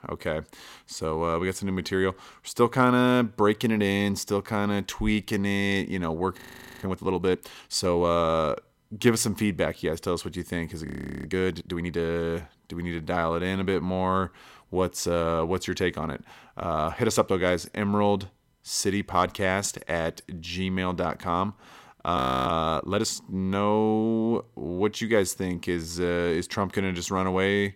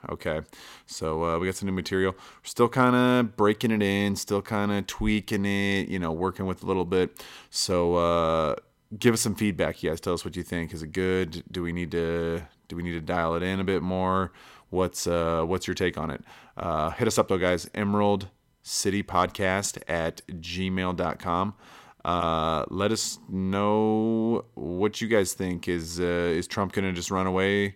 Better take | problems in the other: second | audio freezing; at 6.5 s, at 11 s and at 22 s

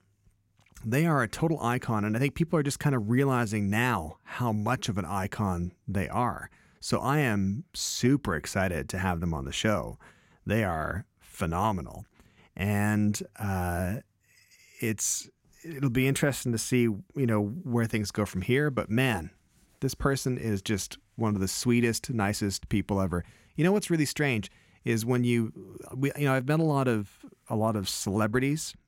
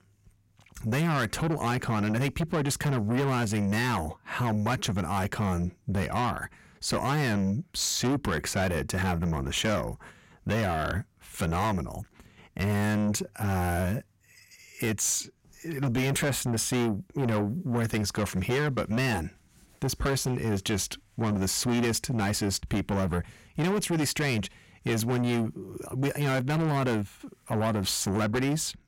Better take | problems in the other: first | distortion; heavy; 7 dB below the speech

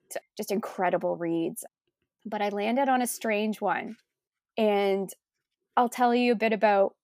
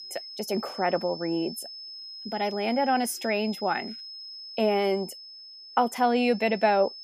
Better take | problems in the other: first | high-pitched whine; noticeable; throughout; 5 kHz, 15 dB below the speech

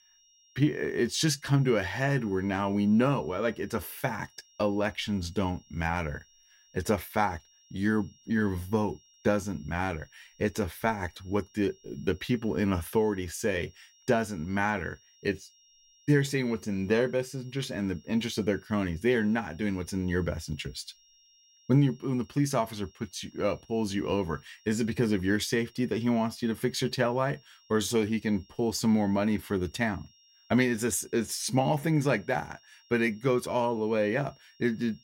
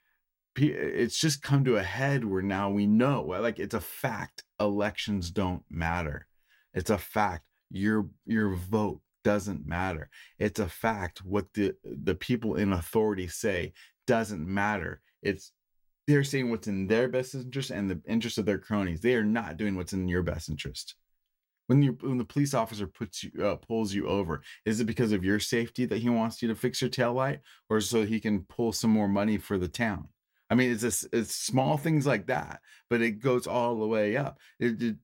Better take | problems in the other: second | high-pitched whine; faint; throughout; 5.5 kHz, 30 dB below the speech

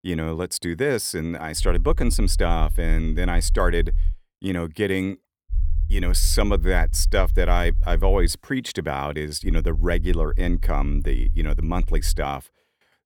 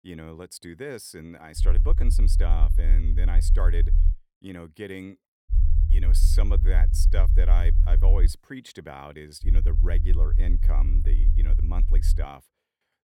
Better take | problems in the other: first | low rumble; loud; from 1.5 to 4 s, from 5.5 to 8.5 s and from 9.5 to 12 s; 7 dB below the speech; faint in the first

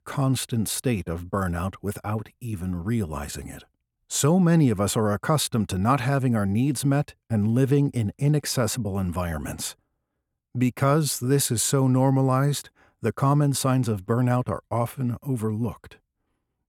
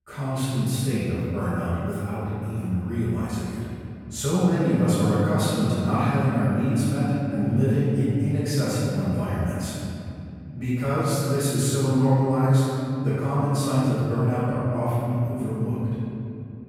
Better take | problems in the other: first | off-mic speech; far // room echo; strong; dies away in 2.9 s

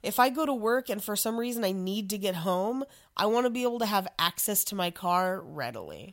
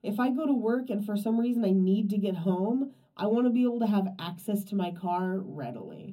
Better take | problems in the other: first | room echo; slight; dies away in 0.3 s // off-mic speech; far

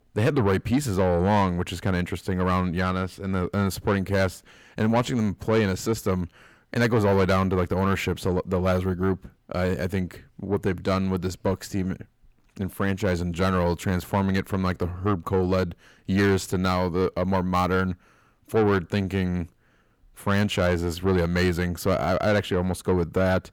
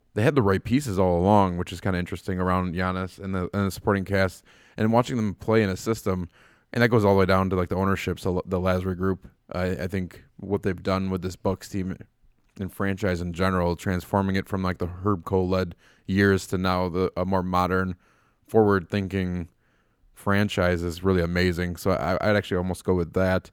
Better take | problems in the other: second | distortion; slight; 10 dB below the speech

